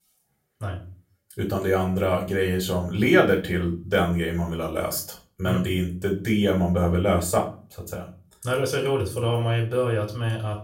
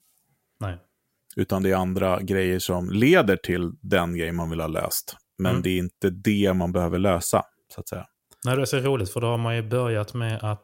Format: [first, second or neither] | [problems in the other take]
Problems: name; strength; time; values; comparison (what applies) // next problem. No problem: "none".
second | off-mic speech; far // room echo; very slight; dies away in 0.3 s